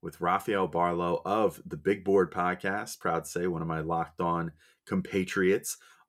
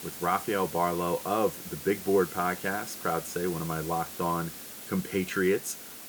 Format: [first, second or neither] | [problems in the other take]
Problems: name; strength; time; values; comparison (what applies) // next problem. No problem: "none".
first | hiss; loud; throughout; 10 dB below the speech